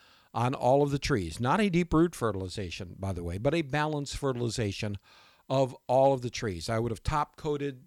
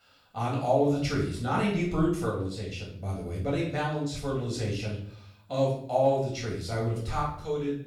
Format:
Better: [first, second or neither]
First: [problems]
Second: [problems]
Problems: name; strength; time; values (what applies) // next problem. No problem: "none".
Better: first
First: none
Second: off-mic speech; far // room echo; noticeable; dies away in 0.5 s